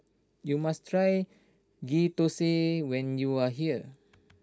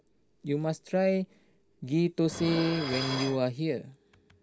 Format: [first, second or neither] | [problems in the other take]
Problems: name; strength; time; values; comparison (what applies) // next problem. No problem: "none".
first | background sound (Dishes, pots, and pans); 10 dB below the speech